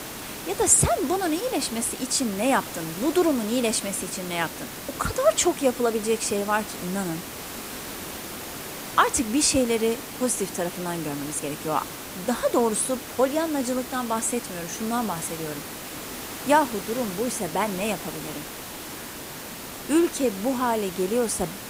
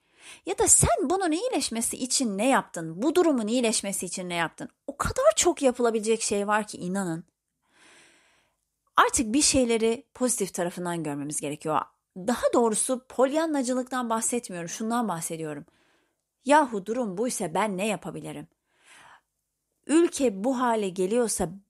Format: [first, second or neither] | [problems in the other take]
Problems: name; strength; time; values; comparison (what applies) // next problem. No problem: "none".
second | hiss; loud; throughout; 10 dB below the speech